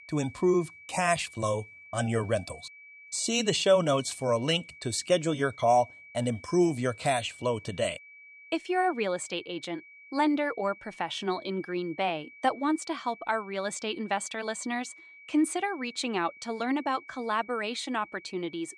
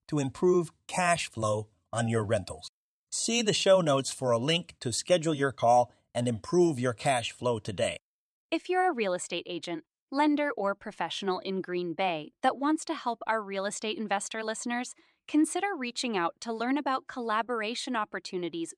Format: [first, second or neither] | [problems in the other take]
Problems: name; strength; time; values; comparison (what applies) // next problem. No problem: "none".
second | high-pitched whine; noticeable; throughout; 2.5 kHz, 20 dB below the speech